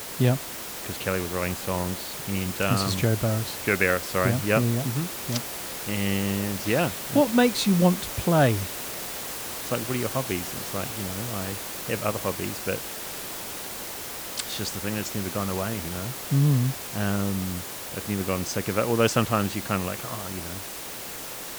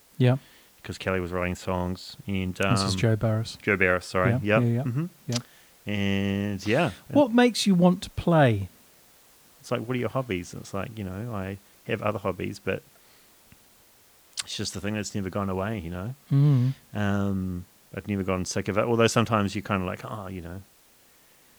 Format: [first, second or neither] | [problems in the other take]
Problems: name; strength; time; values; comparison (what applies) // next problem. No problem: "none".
second | hiss; loud; throughout; 5 dB below the speech; faint in the second